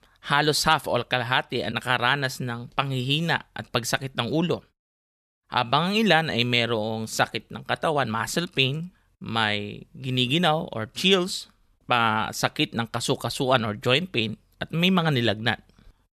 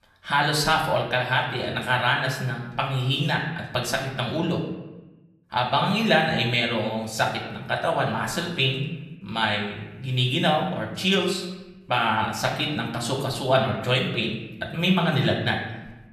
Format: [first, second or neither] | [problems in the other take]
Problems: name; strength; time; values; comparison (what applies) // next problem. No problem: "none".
first | room echo; slight; dies away in 0.9 s // off-mic speech; somewhat distant